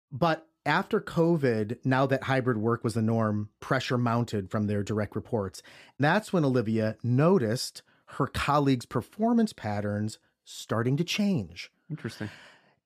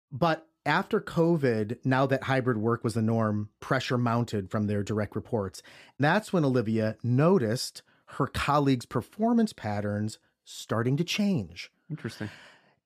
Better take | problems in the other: neither | none

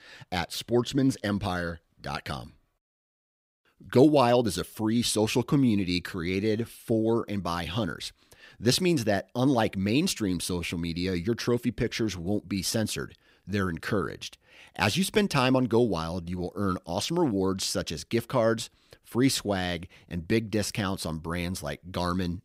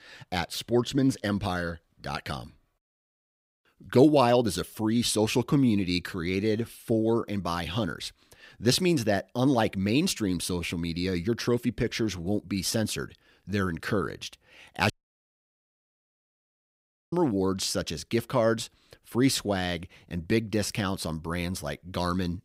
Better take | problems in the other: first | audio cutting out; at 15 s for 2 s

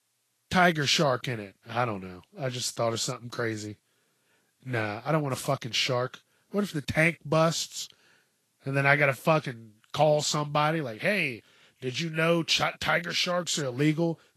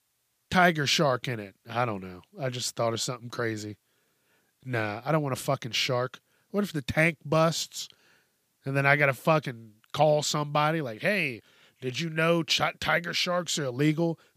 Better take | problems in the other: second | garbled, watery; slightly; nothing above 12.5 kHz

